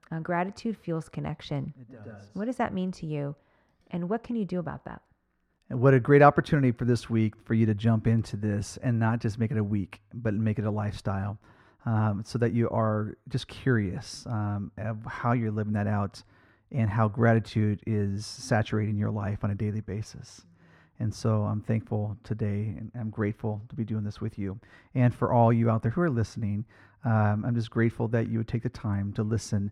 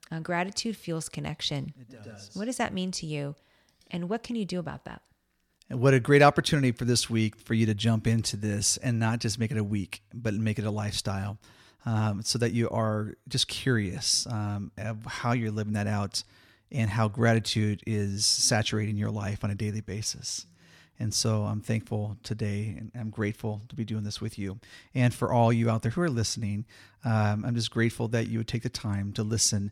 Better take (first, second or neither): second